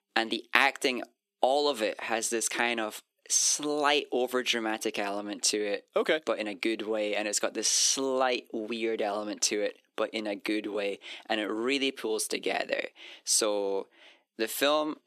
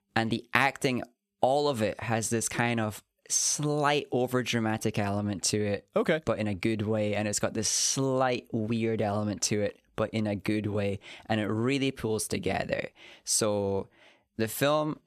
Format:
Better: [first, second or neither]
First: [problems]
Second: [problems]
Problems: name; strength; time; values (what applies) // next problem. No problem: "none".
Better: second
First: thin; somewhat; fading below 300 Hz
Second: none